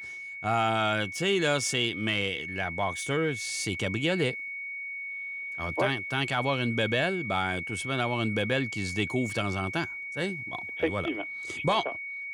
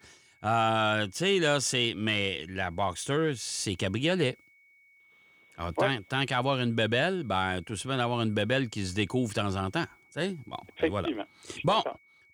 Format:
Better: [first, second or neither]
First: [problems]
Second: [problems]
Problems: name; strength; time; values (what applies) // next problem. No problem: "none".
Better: second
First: high-pitched whine; loud; throughout; 2 kHz, 6 dB below the speech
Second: high-pitched whine; faint; throughout; 2 kHz, 30 dB below the speech